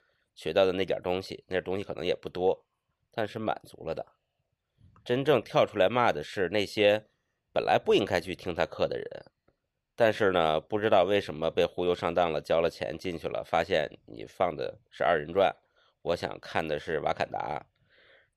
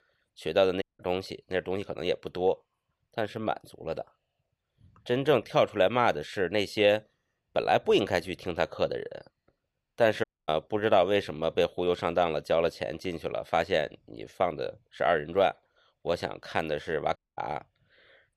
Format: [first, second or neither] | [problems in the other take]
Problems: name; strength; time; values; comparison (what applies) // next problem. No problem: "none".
first | audio cutting out; at 1 s, at 10 s and at 17 s